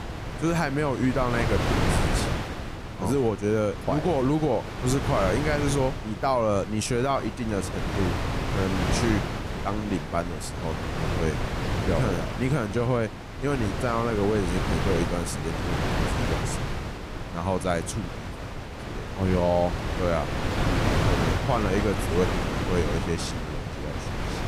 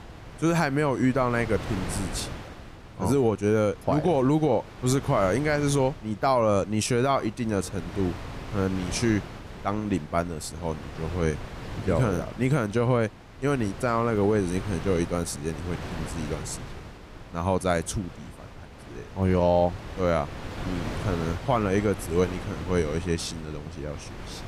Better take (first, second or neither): second